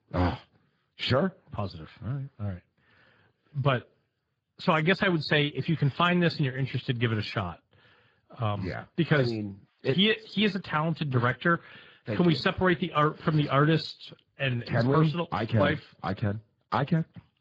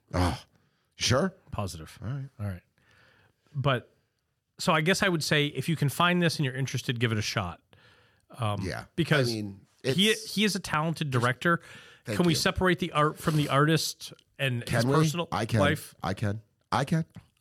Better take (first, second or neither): second